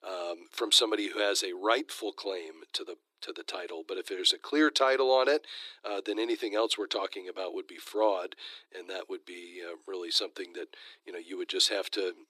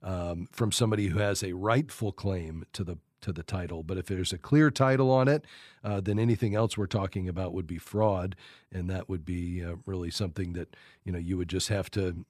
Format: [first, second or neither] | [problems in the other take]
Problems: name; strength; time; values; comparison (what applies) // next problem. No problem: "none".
second | thin; very; fading below 300 Hz